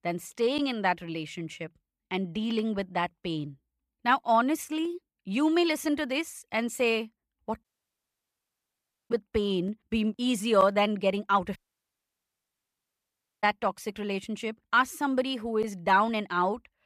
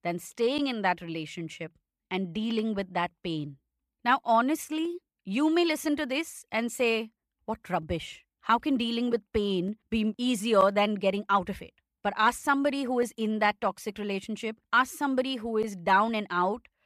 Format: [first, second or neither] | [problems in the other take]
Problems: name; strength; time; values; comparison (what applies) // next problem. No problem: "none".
second | audio cutting out; at 7.5 s for 1.5 s and at 12 s for 2 s